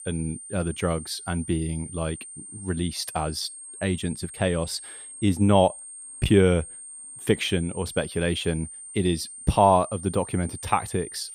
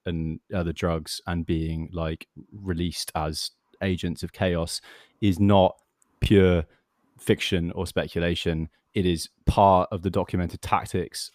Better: second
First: high-pitched whine; noticeable; throughout; 9 kHz, 15 dB below the speech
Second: none

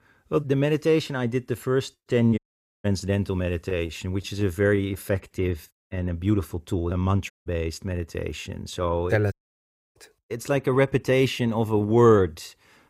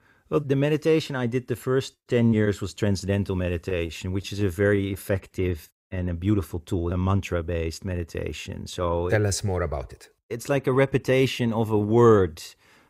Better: second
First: audio cutting out; at 2.5 s, at 7.5 s and at 9.5 s for 0.5 s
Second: none

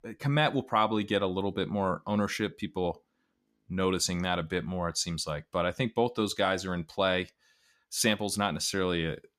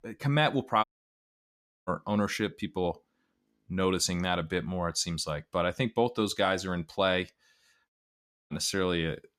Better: first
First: none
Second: audio cutting out; at 1 s for 1 s and at 8 s for 0.5 s

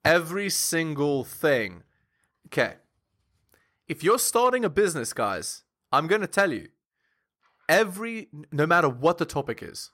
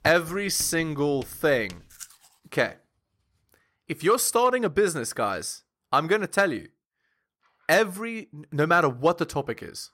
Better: first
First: none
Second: household noises; faint; until 2 s; 25 dB below the speech

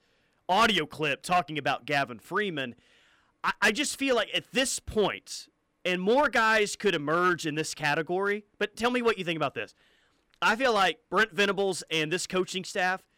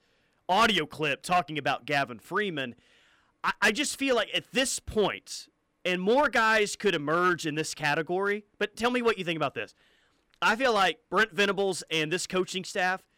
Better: neither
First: distortion; slight; 3% of the sound clipped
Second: distortion; slight; 3% of the sound clipped

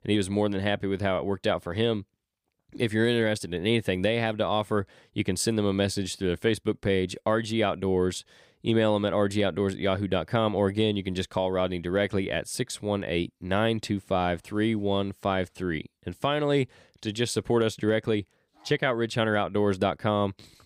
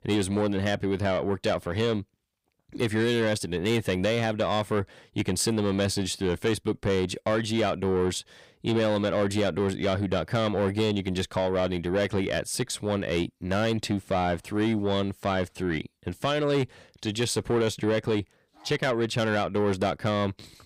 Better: first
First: none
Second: distortion; slight; 10 dB below the speech

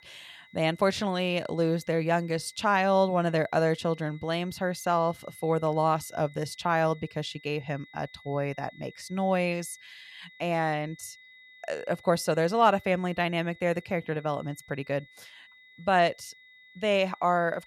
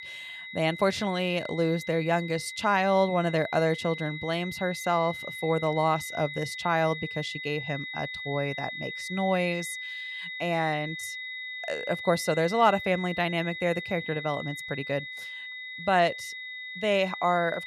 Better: first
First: high-pitched whine; faint; throughout; 2 kHz, 25 dB below the speech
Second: high-pitched whine; loud; throughout; 2 kHz, 8 dB below the speech

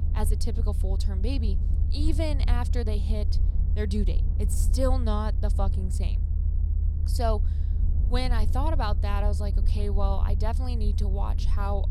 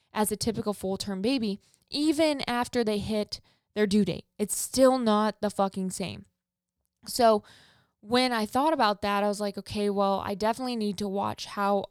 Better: second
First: low rumble; noticeable; throughout; 10 dB below the speech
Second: none

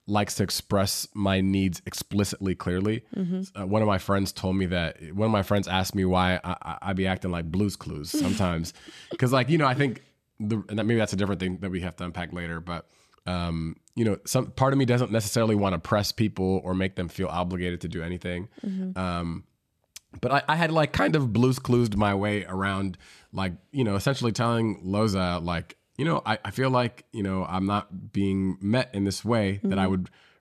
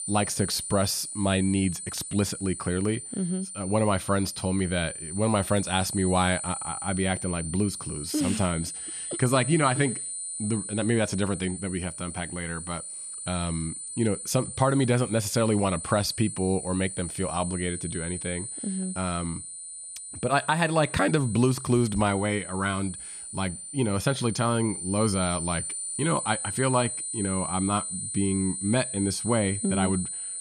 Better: first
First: none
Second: high-pitched whine; loud; throughout; 9 kHz, 6 dB below the speech

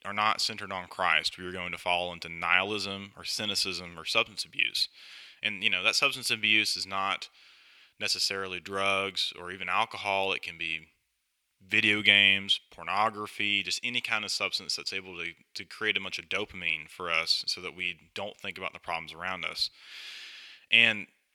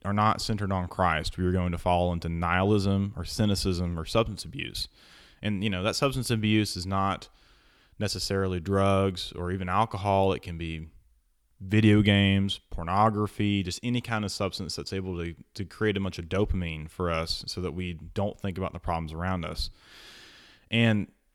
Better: second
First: thin; somewhat; fading below 1 kHz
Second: none

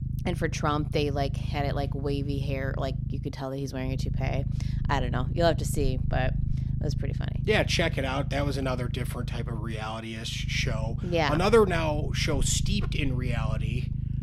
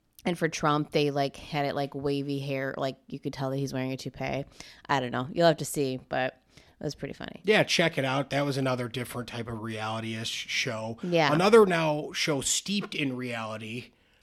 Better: second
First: low rumble; noticeable; throughout; 15 dB below the speech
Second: none

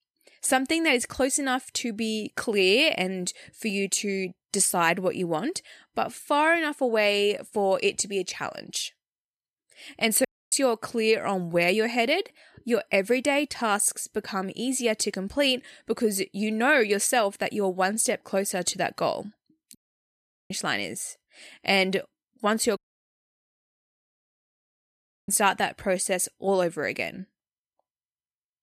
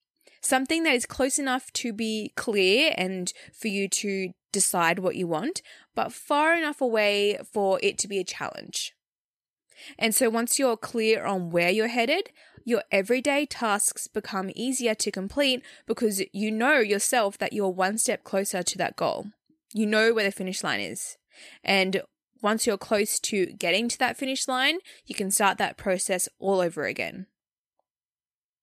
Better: second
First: audio cutting out; at 10 s, at 20 s for 1 s and at 23 s for 2.5 s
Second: none

